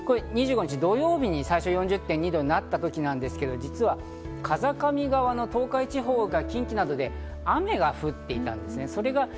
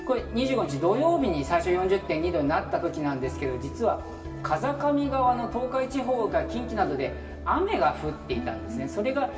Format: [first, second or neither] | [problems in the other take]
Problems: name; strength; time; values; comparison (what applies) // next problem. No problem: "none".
first | room echo; dies away in 2 s